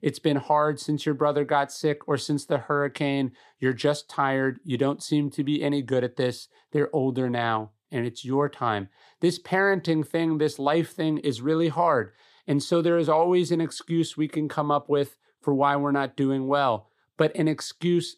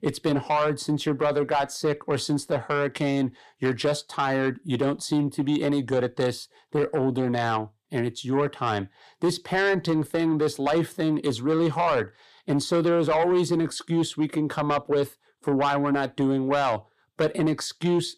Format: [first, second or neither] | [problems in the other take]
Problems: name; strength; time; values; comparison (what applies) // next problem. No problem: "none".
first | distortion; slight; 10 dB below the speech